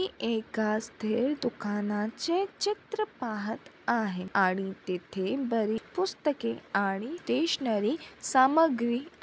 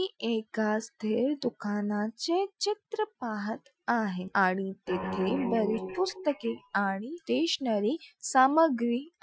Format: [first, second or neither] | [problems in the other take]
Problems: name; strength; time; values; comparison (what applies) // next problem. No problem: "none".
first | noise reduction (classical method Wiener filter)